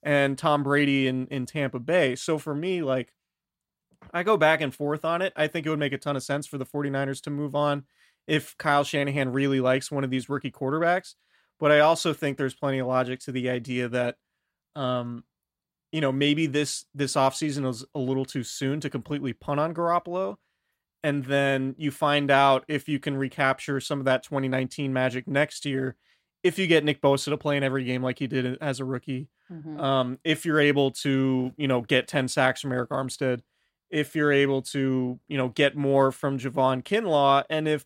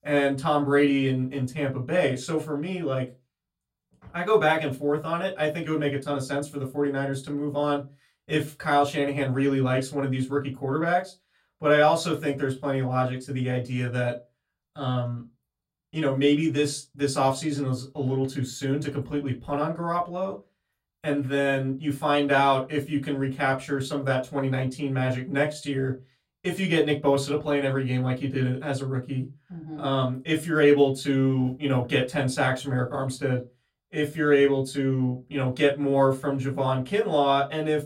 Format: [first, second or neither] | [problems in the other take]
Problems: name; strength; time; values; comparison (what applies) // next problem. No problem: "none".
first | off-mic speech; far // room echo; very slight; dies away in 0.2 s